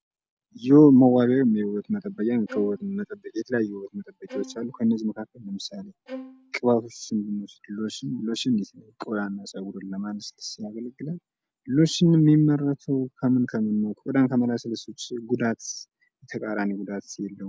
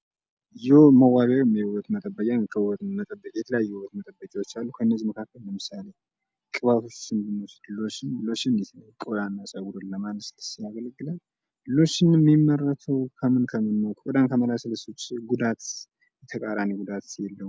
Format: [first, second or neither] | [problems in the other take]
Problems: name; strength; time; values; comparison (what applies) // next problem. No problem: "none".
second | background sound (Bowed string instrument); 17 dB below the speech